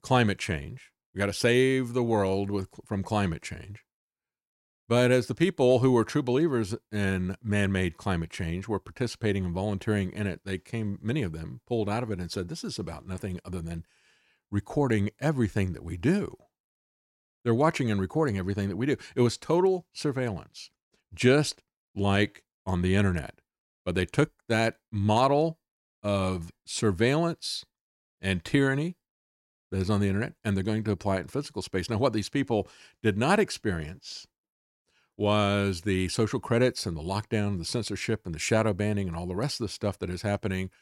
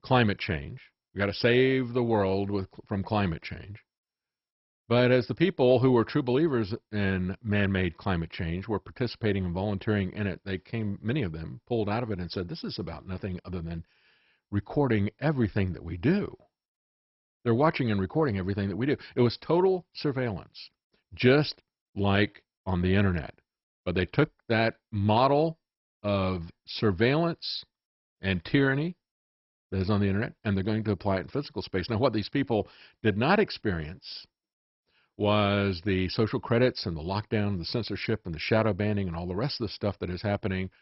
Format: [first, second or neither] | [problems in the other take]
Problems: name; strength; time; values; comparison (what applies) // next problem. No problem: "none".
first | garbled, watery; badly; nothing above 5.5 kHz